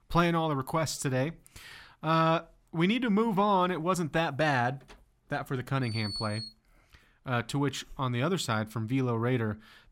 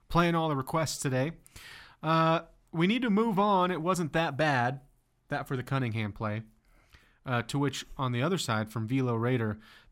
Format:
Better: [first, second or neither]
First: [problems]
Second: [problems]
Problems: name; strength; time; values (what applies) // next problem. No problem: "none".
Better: second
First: door banging; noticeable; from 5 to 6.5 s; peak 7 dB below the speech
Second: none